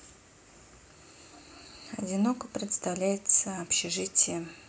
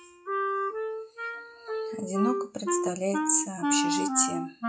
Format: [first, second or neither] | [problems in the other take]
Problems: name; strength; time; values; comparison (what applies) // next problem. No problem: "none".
first | noise reduction (classical method log-MMSE)